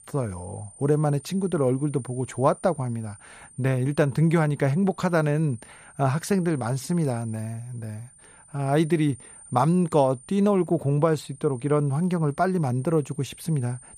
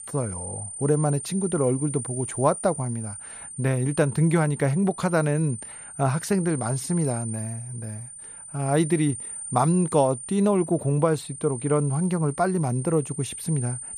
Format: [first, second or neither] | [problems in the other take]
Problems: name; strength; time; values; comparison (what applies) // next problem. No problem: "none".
first | high-pitched whine; loud; throughout; 9 kHz, 10 dB below the speech; faint in the first